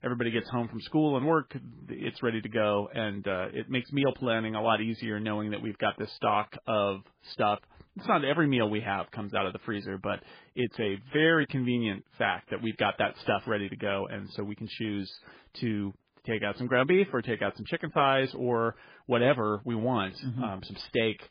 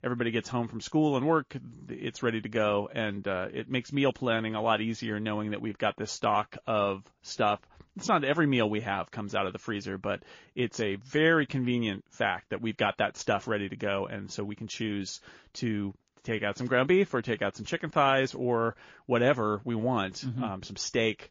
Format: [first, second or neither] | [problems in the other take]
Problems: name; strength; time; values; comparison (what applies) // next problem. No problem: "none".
second | garbled, watery; badly; nothing above 5 kHz; slightly in the second